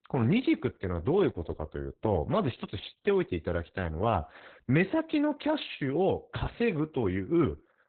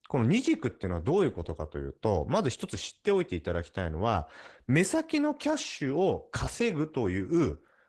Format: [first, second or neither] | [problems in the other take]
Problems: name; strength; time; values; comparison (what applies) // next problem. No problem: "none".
second | garbled, watery; badly; nothing above 4 kHz; slightly in the second